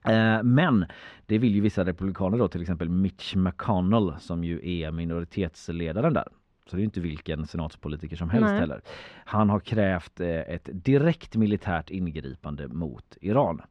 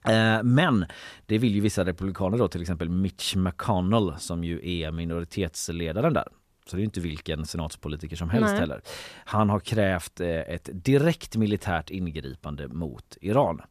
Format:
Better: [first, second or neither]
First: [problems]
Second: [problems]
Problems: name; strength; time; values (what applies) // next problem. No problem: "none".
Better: second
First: muffled; slightly; fading above 3 kHz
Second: none